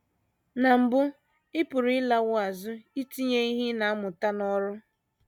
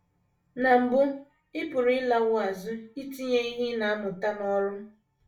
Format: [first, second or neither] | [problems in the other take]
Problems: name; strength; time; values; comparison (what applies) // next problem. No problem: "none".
first | room echo; dies away in 0.3 s